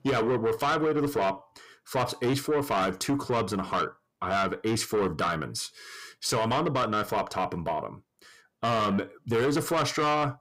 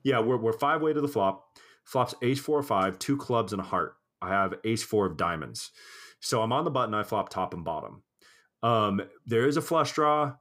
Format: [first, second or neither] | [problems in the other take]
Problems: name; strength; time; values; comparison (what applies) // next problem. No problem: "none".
second | distortion; heavy; 8 dB below the speech